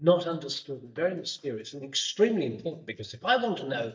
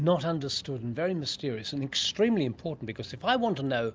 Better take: second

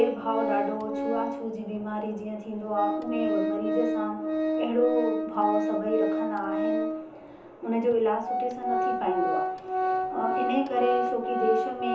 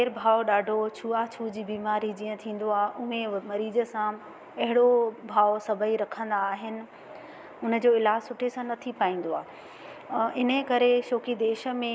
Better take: second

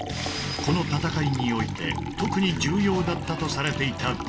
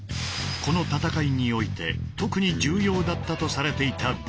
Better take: second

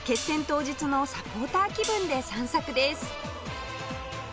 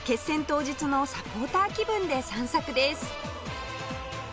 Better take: second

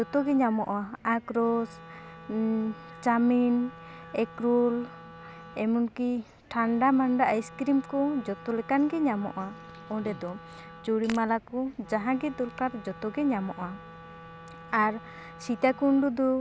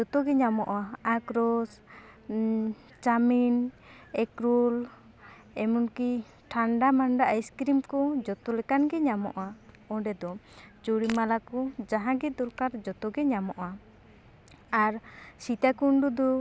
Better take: second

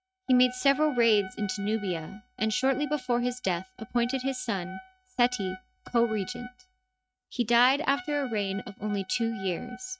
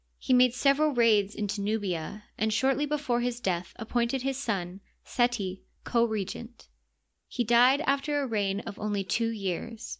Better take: second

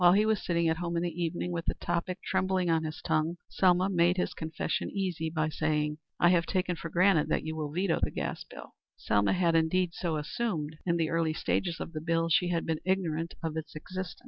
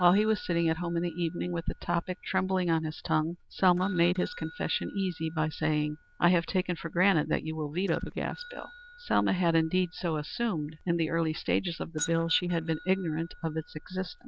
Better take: first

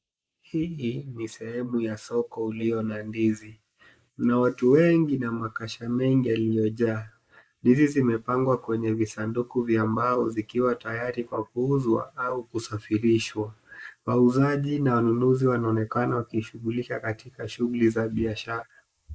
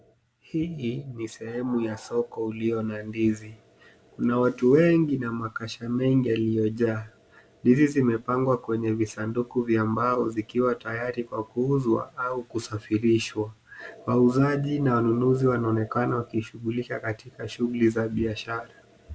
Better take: second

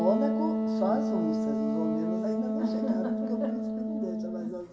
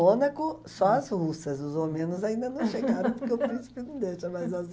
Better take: second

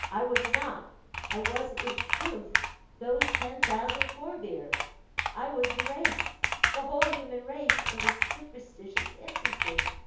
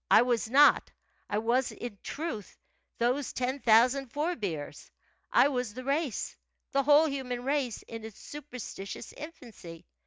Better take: second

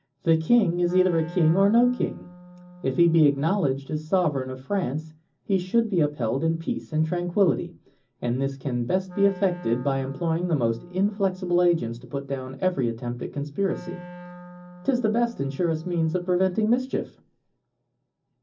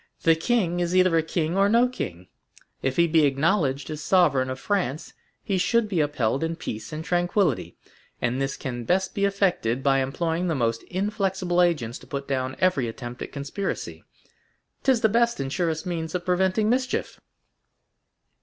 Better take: second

